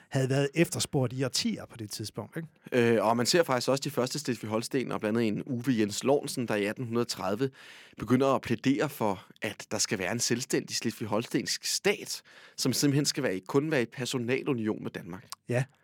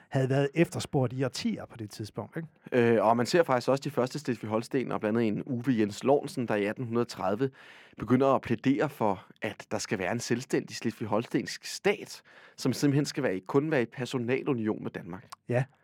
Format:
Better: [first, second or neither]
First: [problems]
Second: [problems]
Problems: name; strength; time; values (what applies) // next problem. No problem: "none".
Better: first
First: none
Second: muffled; slightly; fading above 3 kHz